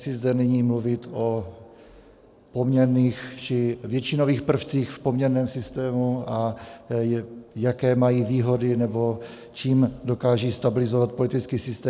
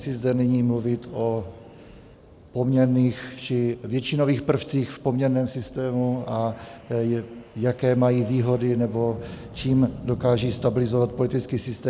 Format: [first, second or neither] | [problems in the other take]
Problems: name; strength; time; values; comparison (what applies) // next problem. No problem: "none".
first | background sound (Wind); 20 dB below the speech